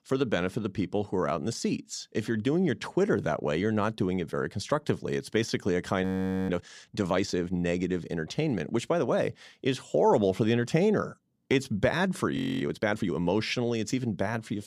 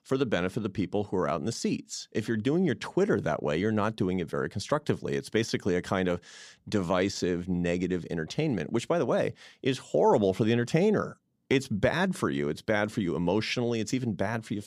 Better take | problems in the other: second | audio freezing; at 6 s and at 12 s

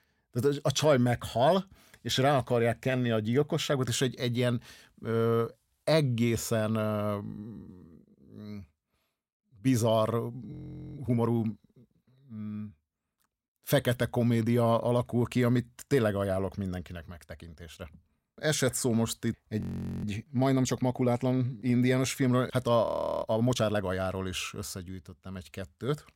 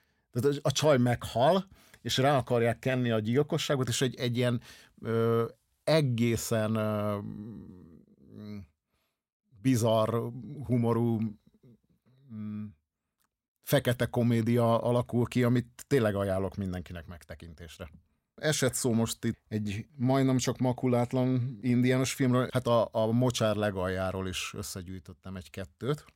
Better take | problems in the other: second | audio freezing; at 11 s, at 20 s and at 23 s

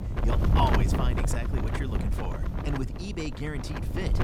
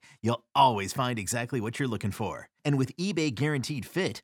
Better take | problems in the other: second | wind noise on the microphone; heavy; 1 dB below the speech

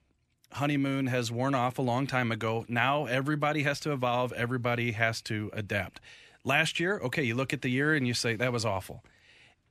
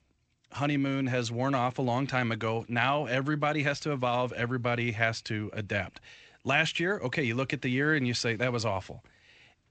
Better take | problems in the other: first | garbled, watery; slightly; nothing above 8 kHz

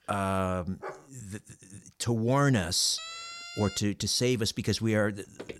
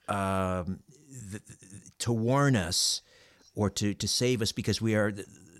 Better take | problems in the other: second | dog barking; faint; at 1 s; peak 15 dB below the speech // siren; faint; at 3 s; peak 10 dB below the speech // footsteps; faint; at 5.5 s; peak 15 dB below the speech

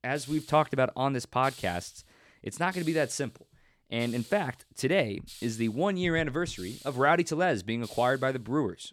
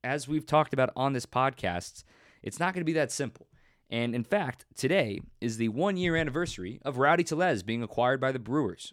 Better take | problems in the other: second | hiss; noticeable; throughout; 20 dB below the speech

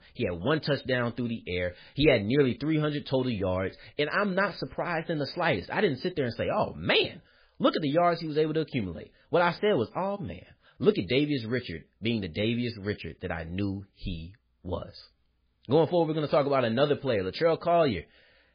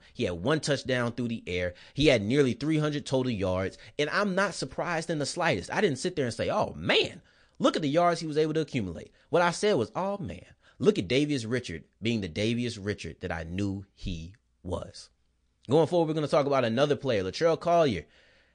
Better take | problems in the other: second | garbled, watery; badly; nothing above 4 kHz; slightly in the second

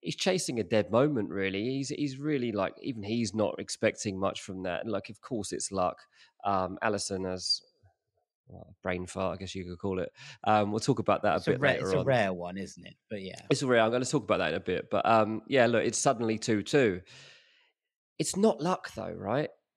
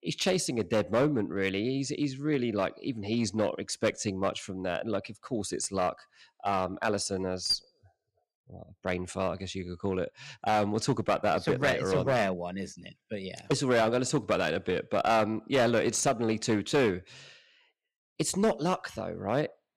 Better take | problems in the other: first | distortion; slight; 5% of the sound clipped

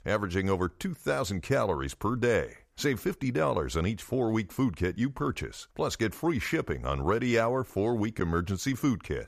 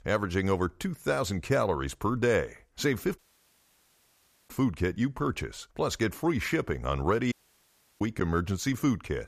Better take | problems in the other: first | audio cutting out; at 3 s for 1.5 s and at 7.5 s for 0.5 s

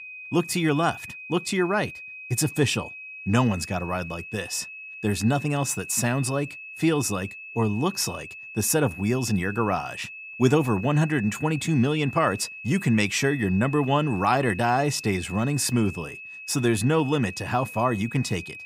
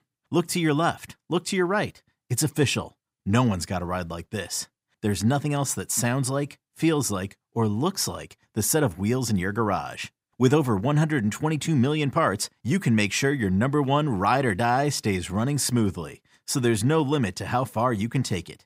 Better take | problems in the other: second | high-pitched whine; noticeable; throughout; 2.5 kHz, 15 dB below the speech

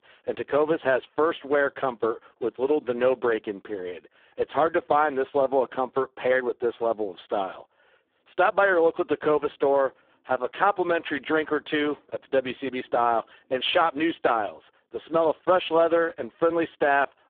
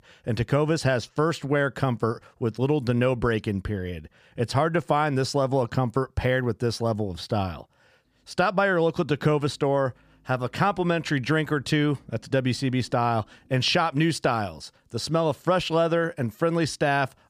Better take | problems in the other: second | phone-call audio; poor line

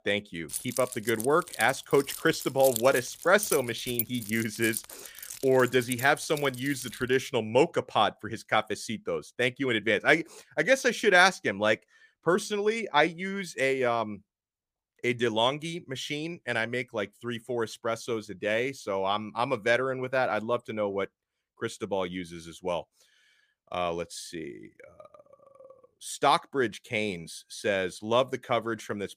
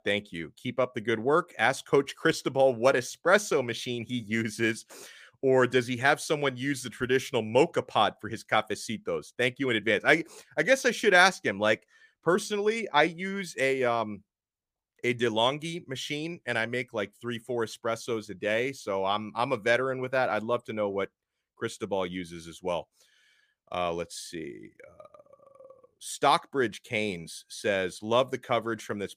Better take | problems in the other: second | jangling keys; noticeable; from 0.5 to 7 s; peak 4 dB below the speech

